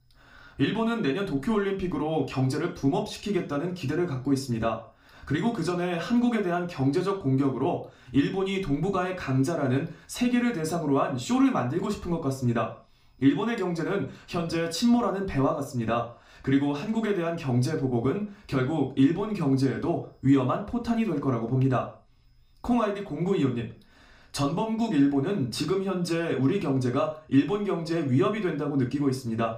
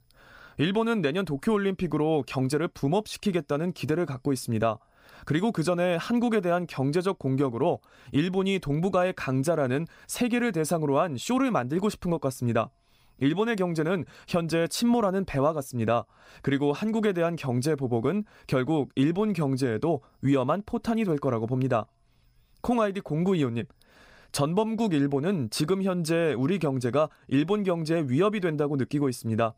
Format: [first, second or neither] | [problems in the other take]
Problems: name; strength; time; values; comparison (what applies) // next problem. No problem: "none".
second | room echo; slight; dies away in 0.4 s // off-mic speech; somewhat distant